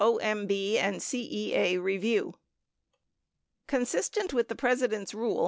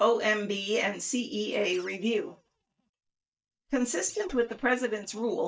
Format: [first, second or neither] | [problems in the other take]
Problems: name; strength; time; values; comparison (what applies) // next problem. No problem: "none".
first | noise reduction (neural mask model DeepFilterNet 3)